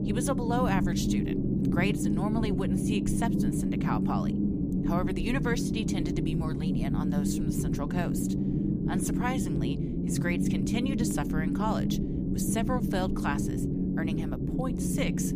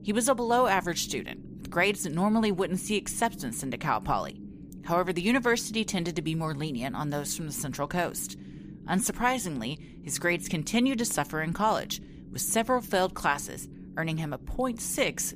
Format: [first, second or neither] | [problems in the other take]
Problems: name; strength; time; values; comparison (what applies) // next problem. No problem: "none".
second | low rumble; loud; throughout; as loud as the speech; faint in the second